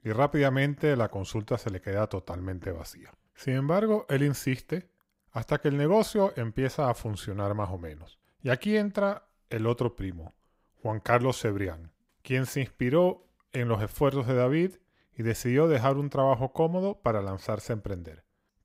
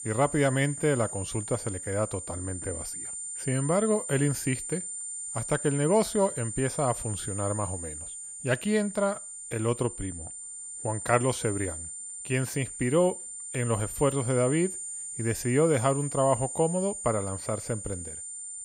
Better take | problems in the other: first | high-pitched whine; loud; throughout; 9 kHz, 7 dB below the speech

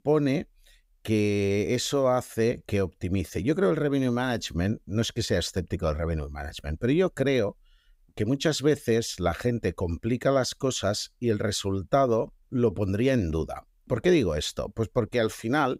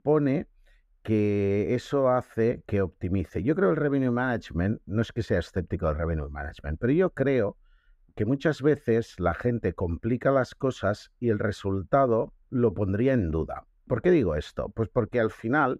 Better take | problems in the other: first | muffled; very; fading above 3 kHz

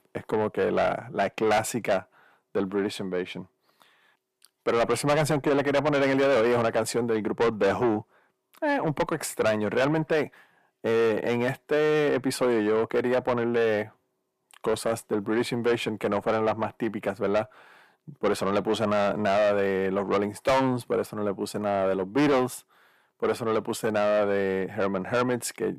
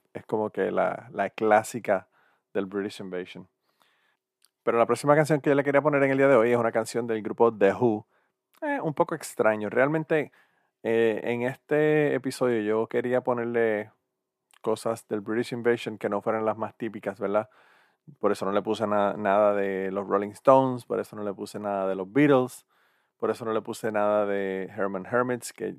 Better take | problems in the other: second | distortion; heavy; 6 dB below the speech

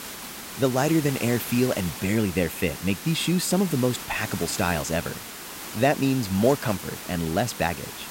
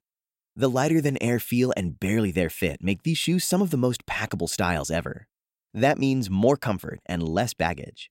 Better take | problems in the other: second | hiss; loud; throughout; 10 dB below the speech

